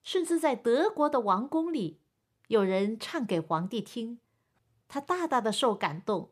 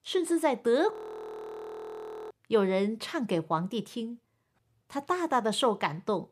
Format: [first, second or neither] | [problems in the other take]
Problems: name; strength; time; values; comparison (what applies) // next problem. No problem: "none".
first | audio freezing; at 1 s for 1.5 s